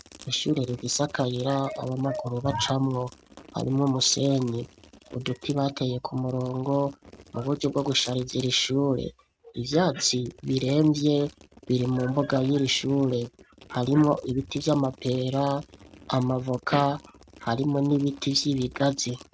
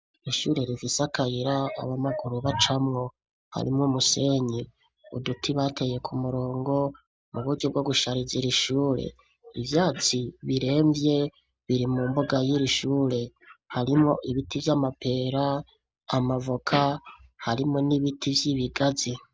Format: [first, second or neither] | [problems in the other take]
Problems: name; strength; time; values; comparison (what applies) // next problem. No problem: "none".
second | noise reduction (neural mask model RNNoise)